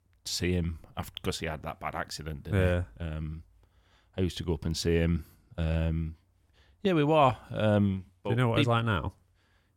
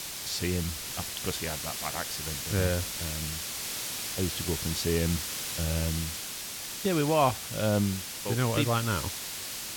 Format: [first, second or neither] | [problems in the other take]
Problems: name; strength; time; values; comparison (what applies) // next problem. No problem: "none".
first | hiss; loud; throughout; 3 dB below the speech